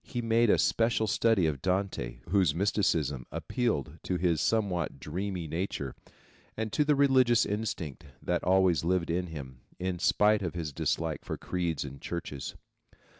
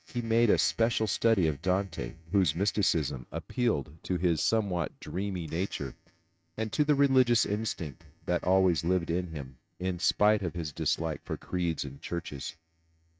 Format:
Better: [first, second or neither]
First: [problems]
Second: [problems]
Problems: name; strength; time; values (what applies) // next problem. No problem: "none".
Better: first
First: none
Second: noise reduction (neural mask model RNNoise)